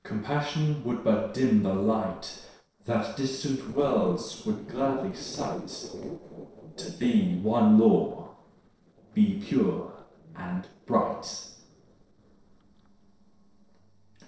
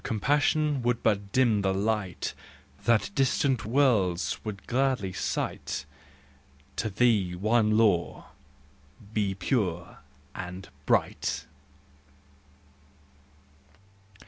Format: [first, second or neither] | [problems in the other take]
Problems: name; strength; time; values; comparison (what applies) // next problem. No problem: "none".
second | noise reduction (neural separator model SepFormer DNS4)